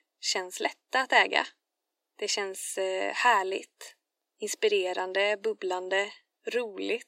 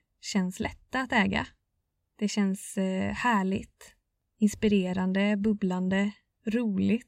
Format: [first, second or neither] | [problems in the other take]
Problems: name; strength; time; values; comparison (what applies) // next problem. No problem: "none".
second | thin; very; fading below 300 Hz